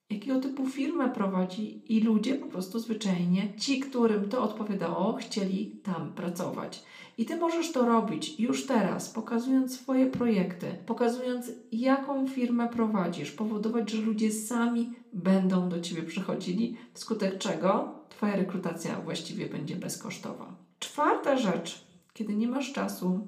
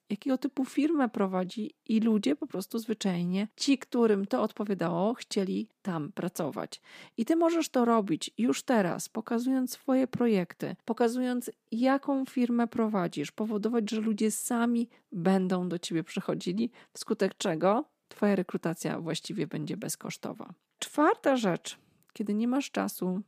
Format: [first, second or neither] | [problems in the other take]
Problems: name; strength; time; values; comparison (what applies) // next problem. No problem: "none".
second | room echo; very slight; dies away in 0.4 s // off-mic speech; somewhat distant